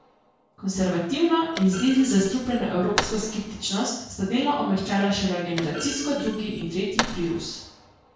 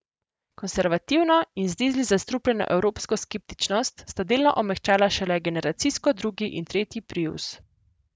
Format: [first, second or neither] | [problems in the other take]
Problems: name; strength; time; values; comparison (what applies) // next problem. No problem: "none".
second | background sound (Thump, thud); 11 dB below the speech // room echo; dies away in 0.6 s